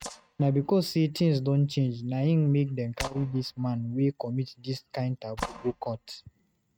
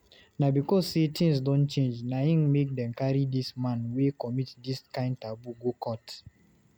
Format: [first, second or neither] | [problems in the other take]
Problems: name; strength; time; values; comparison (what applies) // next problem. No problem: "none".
second | noise reduction (neural mask model RNNoise)